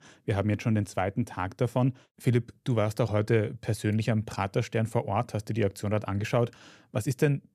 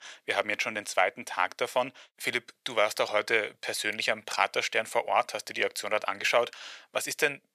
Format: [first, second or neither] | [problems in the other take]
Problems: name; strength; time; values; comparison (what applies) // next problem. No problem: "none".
first | thin; very; fading below 850 Hz